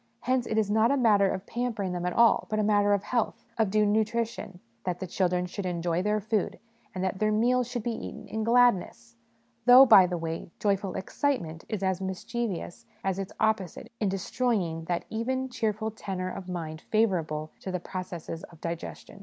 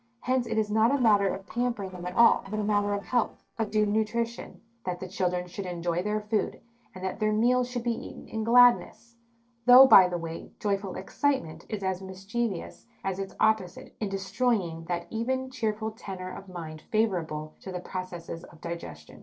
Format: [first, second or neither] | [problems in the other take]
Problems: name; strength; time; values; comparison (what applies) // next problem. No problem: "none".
first | noise reduction (neural separator model SepFormer DNS4)